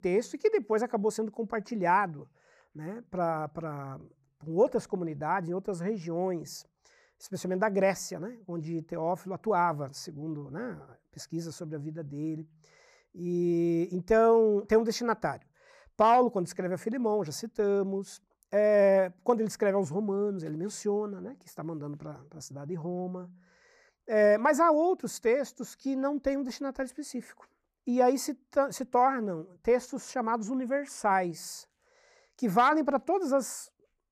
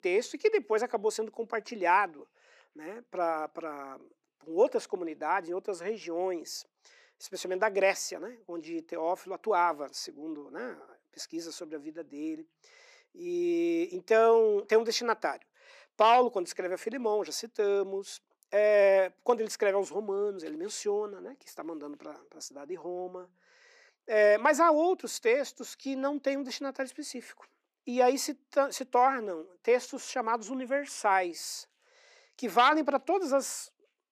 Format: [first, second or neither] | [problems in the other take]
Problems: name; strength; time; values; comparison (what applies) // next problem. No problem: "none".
first | thin; very slightly; fading below 250 Hz